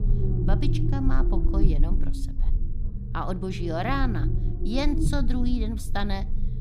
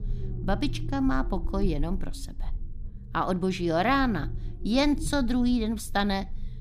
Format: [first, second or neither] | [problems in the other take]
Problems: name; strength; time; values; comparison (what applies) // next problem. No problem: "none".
second | low rumble; loud; throughout; 7 dB below the speech; faint in the second